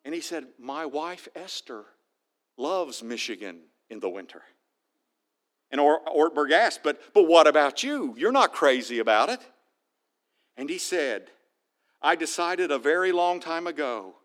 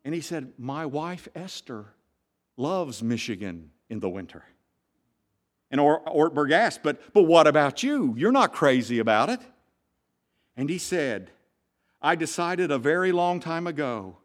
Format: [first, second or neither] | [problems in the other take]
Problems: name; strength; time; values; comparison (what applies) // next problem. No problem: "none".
second | thin; somewhat; fading below 300 Hz